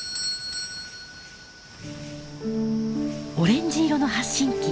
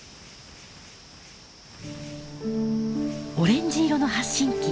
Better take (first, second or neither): second